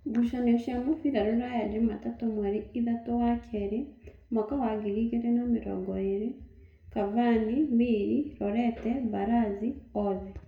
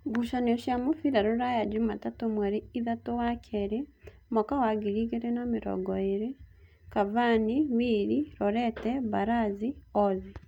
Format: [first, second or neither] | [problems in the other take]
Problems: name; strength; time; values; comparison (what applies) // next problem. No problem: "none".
second | room echo; dies away in 0.7 s